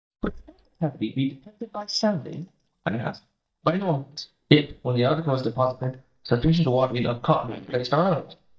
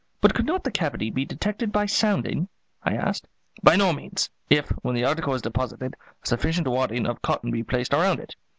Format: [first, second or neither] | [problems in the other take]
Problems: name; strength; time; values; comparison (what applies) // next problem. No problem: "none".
second | noise reduction (neural mask model DeepFilterNet 3)